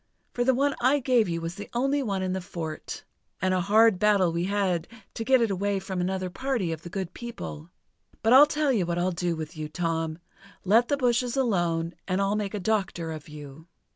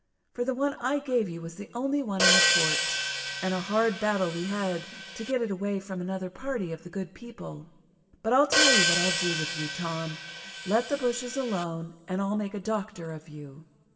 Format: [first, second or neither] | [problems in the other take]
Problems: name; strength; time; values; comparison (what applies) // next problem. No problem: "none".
first | background sound (Hi-hat); 2 dB above the speech // room echo; dies away in 2.4 s